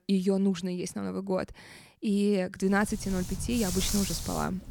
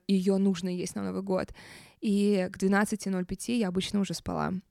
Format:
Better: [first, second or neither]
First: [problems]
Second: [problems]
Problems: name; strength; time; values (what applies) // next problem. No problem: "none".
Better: second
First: animal sounds; loud; from 3 s on; 5 dB below the speech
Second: none